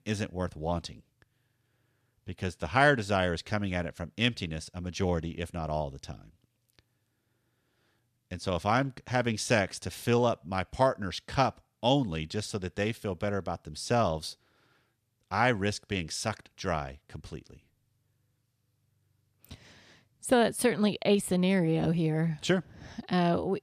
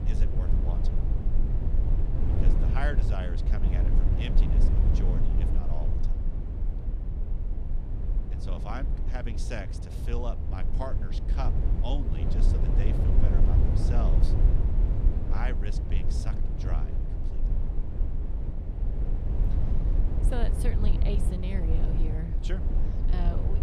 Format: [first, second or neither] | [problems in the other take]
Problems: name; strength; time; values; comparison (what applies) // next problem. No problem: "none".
first | low rumble; loud; throughout; 2 dB below the speech